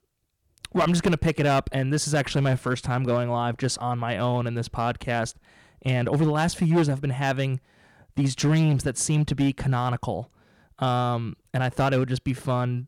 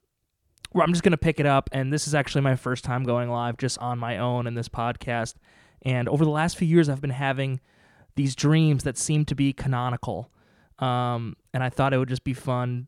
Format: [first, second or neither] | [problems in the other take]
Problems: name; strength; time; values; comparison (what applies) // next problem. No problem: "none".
second | distortion; slight; 5% of the sound clipped